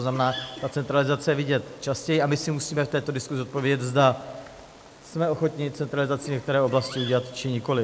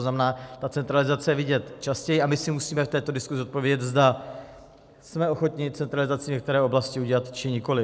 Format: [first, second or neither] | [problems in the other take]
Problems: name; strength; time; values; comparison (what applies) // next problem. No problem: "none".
second | background sound (Cough + Bird vocalization, bird call, bird song); 19 dB below the speech